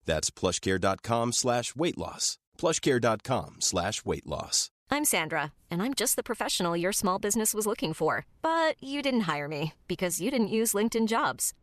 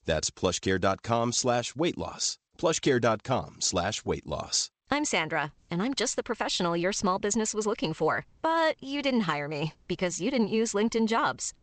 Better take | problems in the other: first | garbled, watery; slightly; nothing above 8 kHz

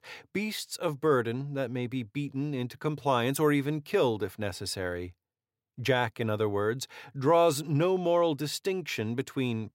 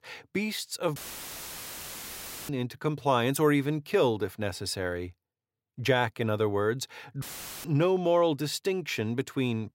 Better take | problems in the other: first | audio cutting out; filled with static; at 1 s for 1.5 s and at 7 s

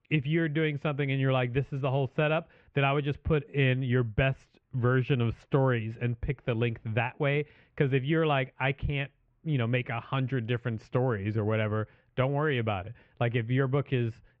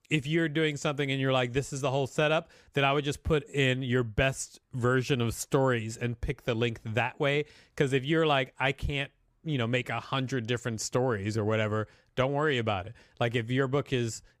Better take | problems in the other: second | muffled; very; fading above 2.5 kHz

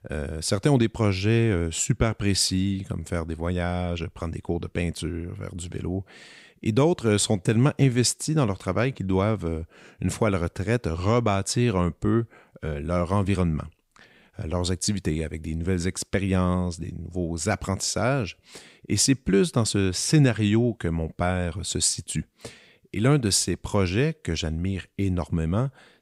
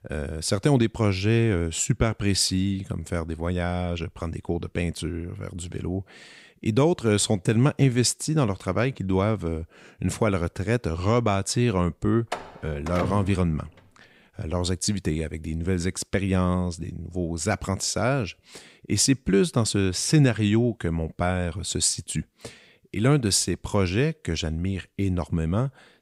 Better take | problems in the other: first | door banging; noticeable; from 12 to 13 s; peak 5 dB below the speech

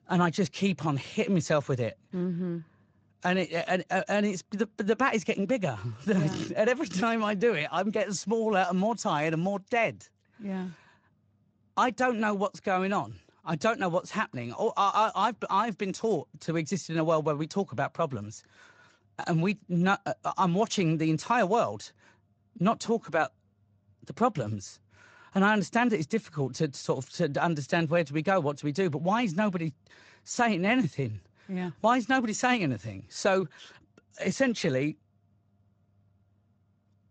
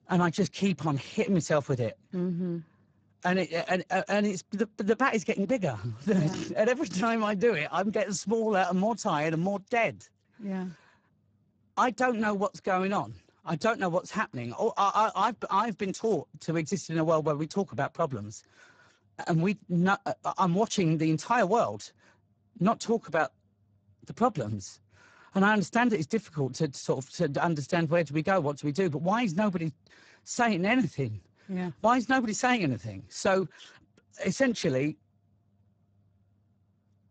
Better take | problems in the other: first | garbled, watery; badly; nothing above 7.5 kHz; slightly in the first

